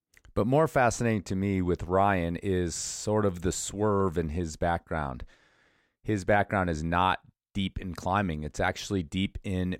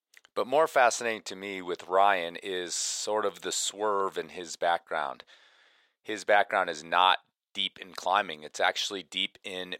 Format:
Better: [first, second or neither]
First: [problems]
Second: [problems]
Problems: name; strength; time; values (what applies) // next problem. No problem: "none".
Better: first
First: none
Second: thin; very; fading below 650 Hz